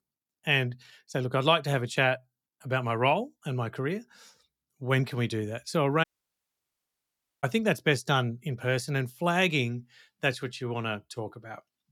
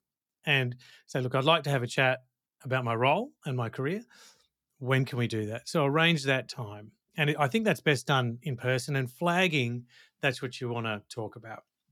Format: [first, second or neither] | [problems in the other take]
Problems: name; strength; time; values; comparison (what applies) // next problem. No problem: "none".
second | audio cutting out; at 6 s for 1.5 s